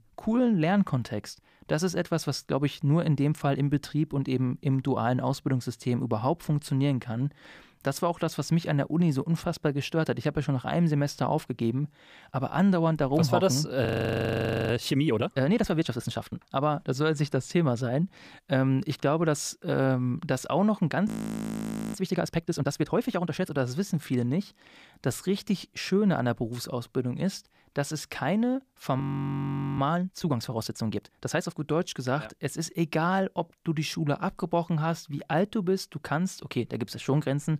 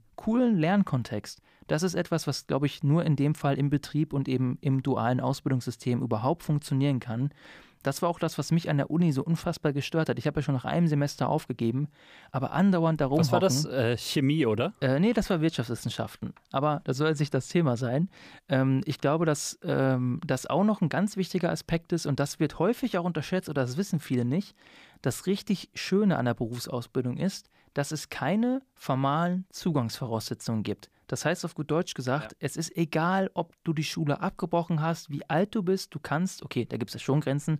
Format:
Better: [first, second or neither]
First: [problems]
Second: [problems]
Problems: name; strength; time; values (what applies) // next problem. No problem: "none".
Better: second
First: audio freezing; at 14 s for 1 s, at 21 s for 1 s and at 29 s for 1 s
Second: none